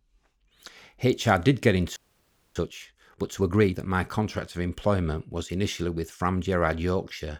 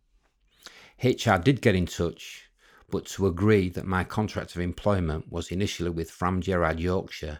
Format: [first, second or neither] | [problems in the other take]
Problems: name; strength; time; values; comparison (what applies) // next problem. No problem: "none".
second | audio freezing; at 2 s for 0.5 s